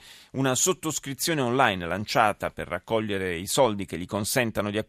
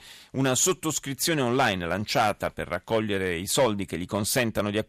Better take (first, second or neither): first